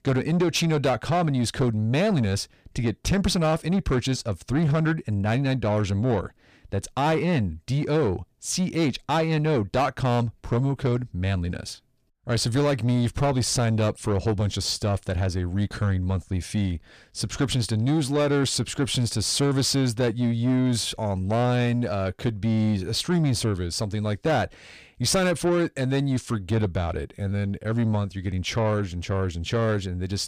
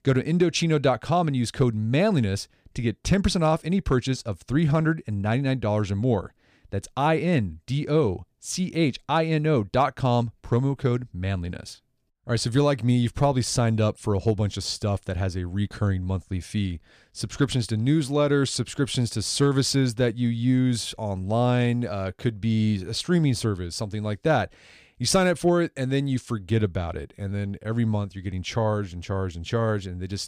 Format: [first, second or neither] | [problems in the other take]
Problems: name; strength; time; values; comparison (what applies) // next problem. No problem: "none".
second | distortion; slight; 10 dB below the speech